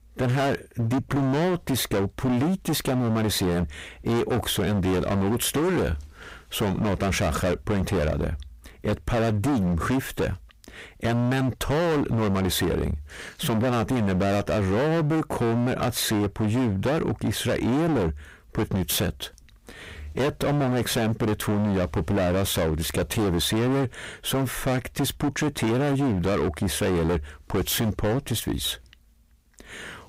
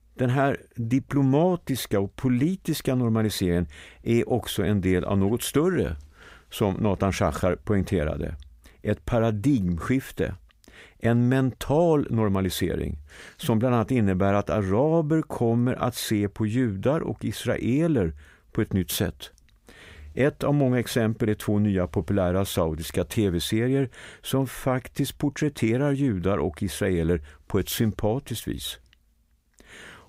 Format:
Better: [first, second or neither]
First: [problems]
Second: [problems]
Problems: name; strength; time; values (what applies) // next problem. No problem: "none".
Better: second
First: distortion; heavy; 27% of the sound clipped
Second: none